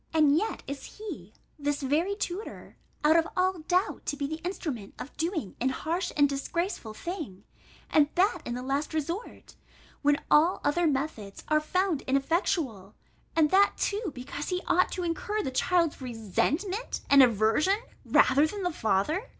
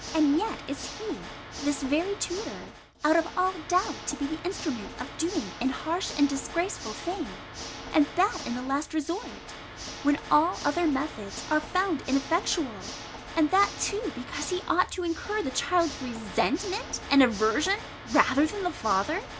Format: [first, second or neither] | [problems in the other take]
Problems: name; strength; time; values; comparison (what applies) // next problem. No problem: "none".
first | background sound (Water / Mechanisms); 12 dB below the speech